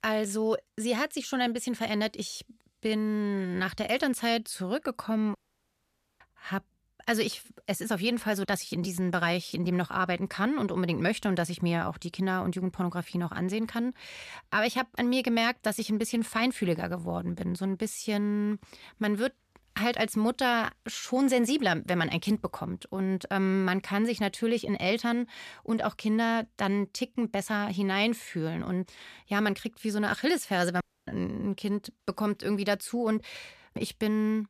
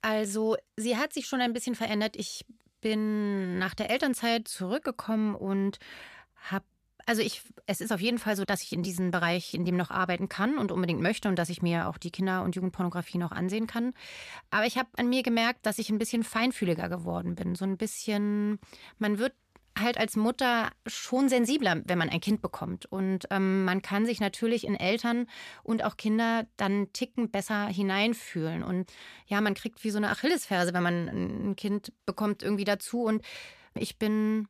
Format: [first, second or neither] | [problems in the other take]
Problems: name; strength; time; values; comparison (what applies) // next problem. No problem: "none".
second | audio cutting out; at 5.5 s for 1 s and at 31 s